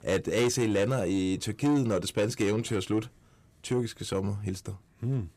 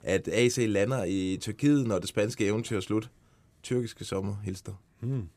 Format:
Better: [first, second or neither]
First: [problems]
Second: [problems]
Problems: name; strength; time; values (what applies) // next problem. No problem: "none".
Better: second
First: distortion; slight; 10 dB below the speech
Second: none